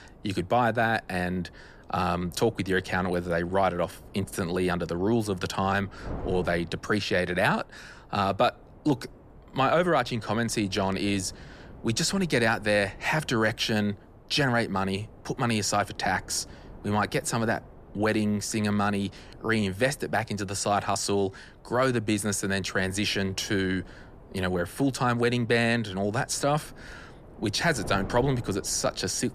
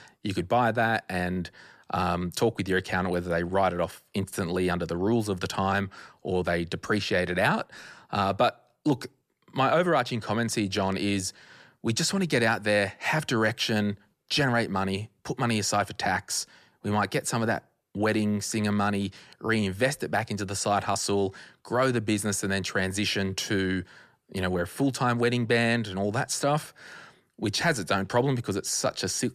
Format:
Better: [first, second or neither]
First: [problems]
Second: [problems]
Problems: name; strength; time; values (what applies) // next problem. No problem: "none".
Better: second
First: wind noise on the microphone; occasional gusts; 25 dB below the speech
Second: none